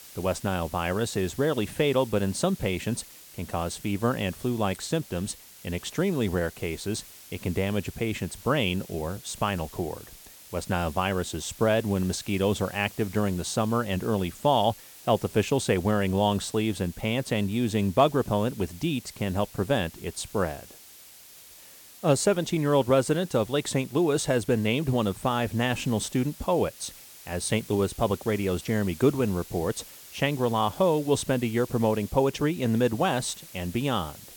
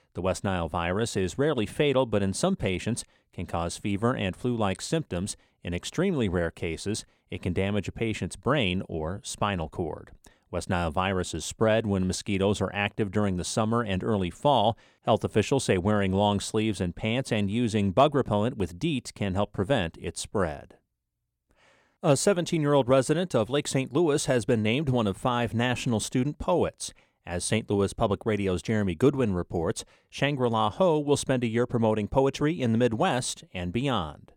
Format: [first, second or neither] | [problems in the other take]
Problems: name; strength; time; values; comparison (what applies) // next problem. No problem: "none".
second | hiss; noticeable; throughout; 20 dB below the speech